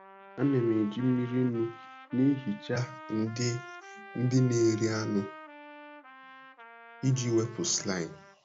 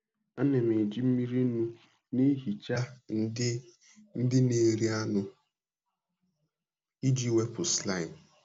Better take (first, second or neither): second